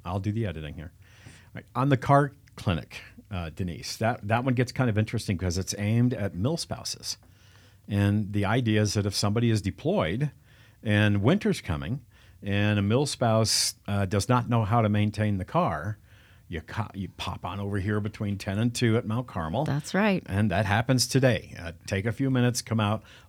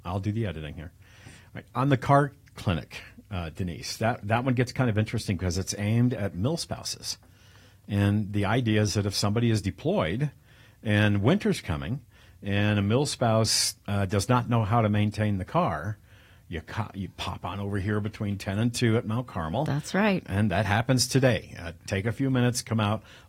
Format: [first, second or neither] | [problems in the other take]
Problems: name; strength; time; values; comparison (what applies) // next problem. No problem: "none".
first | garbled, watery; slightly; nothing above 15.5 kHz